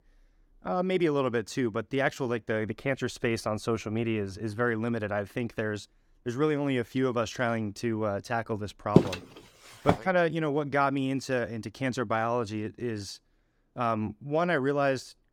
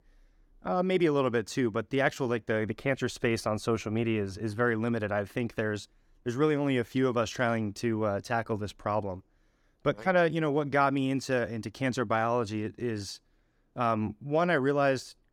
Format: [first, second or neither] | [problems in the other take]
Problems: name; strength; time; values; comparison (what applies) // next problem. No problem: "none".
second | footsteps; loud; at 9 s; peak 5 dB above the speech